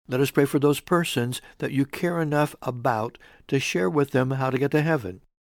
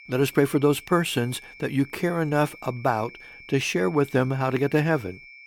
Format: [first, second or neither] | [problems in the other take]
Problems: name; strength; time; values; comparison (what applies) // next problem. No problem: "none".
first | high-pitched whine; noticeable; throughout; 2.5 kHz, 20 dB below the speech